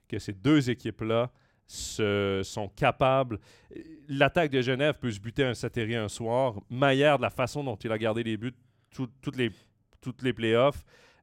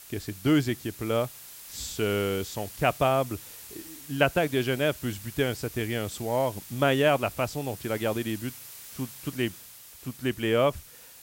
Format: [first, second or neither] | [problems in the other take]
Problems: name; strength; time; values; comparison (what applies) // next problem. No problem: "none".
first | hiss; noticeable; throughout; 15 dB below the speech